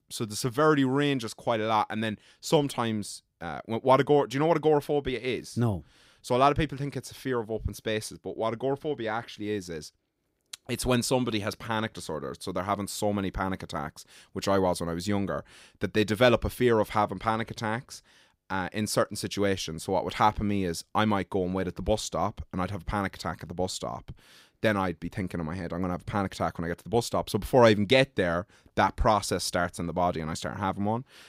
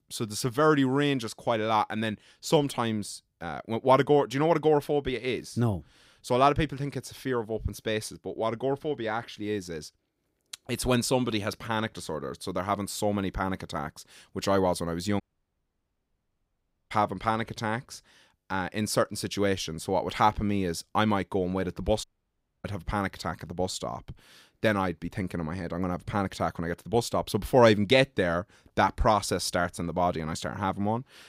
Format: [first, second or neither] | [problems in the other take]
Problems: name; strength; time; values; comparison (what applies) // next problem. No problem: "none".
first | audio cutting out; at 15 s for 1.5 s and at 22 s for 0.5 s